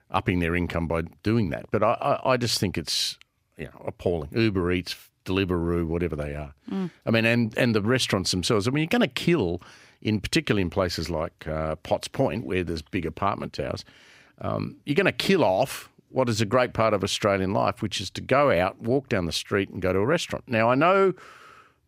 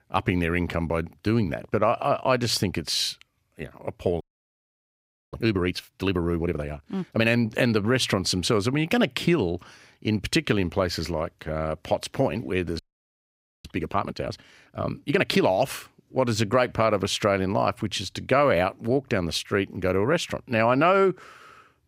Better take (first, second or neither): first